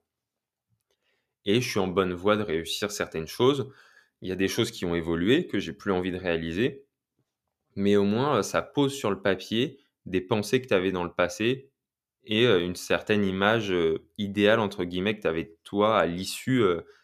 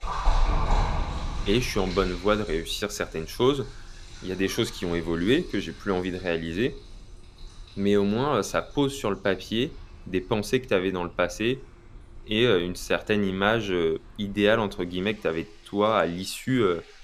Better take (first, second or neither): first